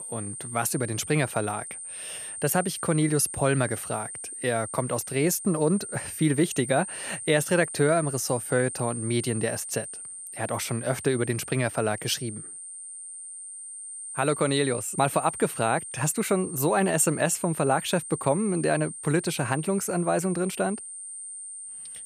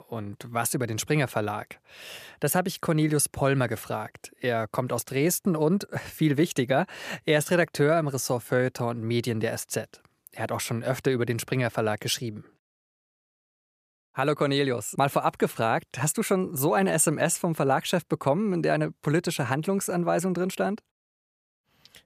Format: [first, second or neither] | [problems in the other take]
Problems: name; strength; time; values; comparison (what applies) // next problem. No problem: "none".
second | high-pitched whine; loud; throughout; 9 kHz, 9 dB below the speech